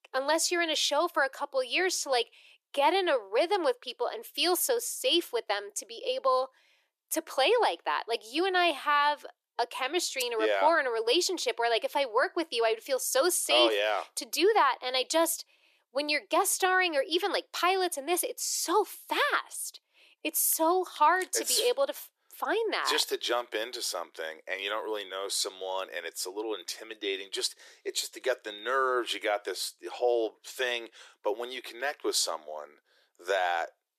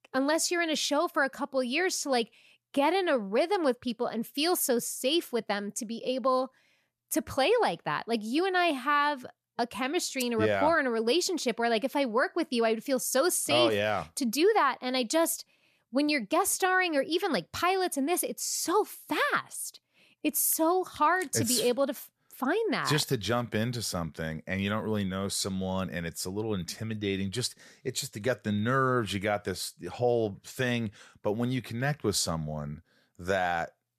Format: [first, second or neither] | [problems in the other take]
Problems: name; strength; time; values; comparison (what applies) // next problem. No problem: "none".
second | thin; very; fading below 350 Hz